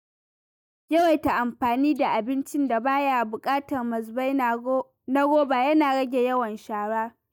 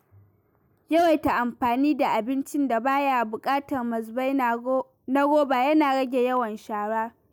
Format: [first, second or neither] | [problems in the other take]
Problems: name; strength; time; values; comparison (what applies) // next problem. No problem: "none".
second | noise reduction (neural mask model DeepFilterNet 3)